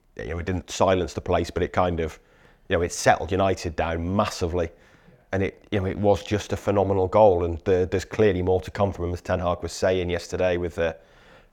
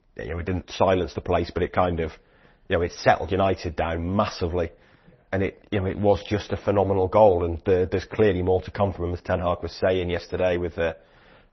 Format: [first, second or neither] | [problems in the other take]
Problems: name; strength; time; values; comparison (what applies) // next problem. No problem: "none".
first | garbled, watery; slightly; nothing above 6 kHz